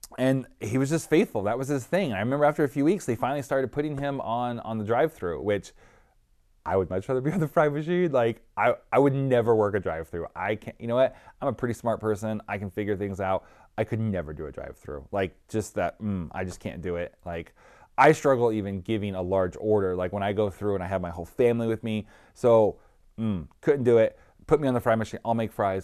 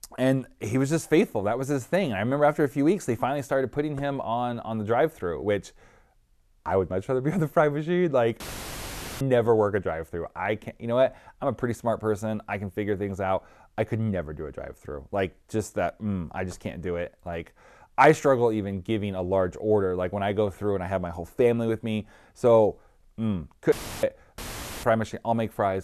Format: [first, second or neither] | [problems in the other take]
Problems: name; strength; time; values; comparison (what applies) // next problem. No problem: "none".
first | audio cutting out; filled with static; at 8.5 s for 1 s and at 24 s